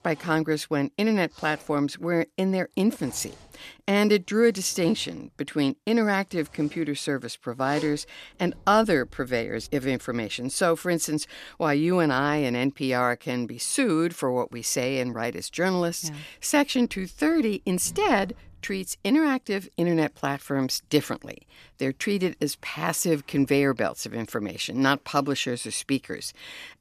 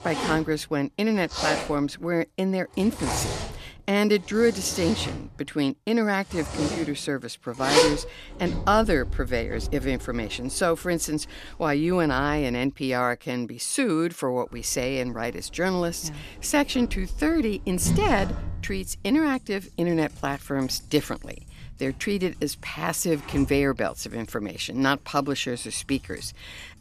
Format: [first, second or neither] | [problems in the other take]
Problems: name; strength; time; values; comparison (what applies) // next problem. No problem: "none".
first | household noises; loud; throughout; 5 dB below the speech; faint in the first